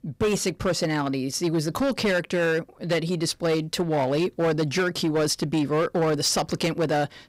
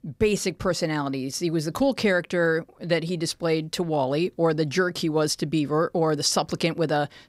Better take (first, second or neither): second